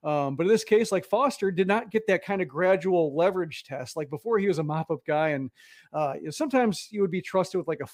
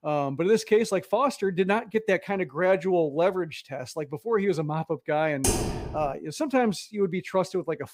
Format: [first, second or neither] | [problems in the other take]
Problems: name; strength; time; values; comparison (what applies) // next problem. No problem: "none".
first | keyboard typing; loud; at 5.5 s; peak 1 dB above the speech